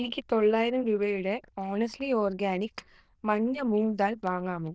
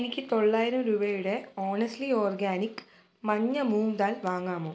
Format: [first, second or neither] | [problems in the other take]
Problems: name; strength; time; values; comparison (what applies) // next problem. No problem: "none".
second | noise reduction (neural diffusion model UNIVERSE++)